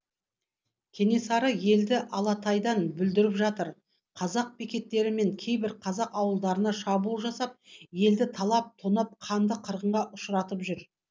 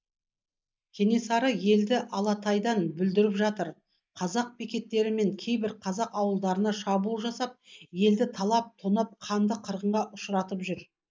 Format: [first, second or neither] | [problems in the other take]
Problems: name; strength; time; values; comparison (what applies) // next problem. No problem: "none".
first | noise reduction (neural mask model Resemble Enhance denoiser)